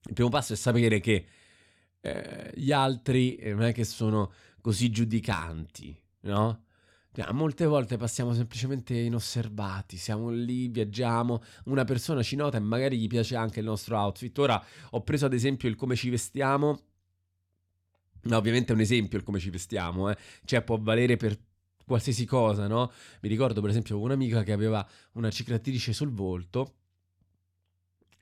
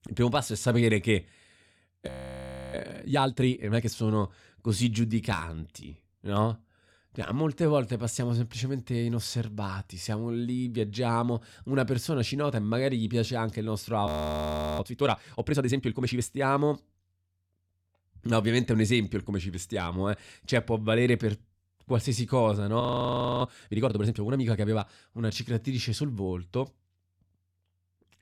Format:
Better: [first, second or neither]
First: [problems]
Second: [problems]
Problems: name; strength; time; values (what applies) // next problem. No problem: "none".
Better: first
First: none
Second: audio freezing; at 2 s for 0.5 s, at 14 s for 0.5 s and at 23 s for 0.5 s